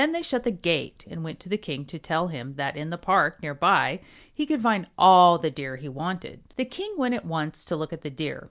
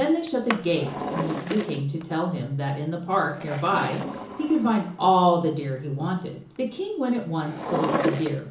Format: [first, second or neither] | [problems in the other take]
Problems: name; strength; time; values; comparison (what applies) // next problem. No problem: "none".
first | background sound (Drawer open or close); 9 dB below the speech // room echo; dies away in 0.7 s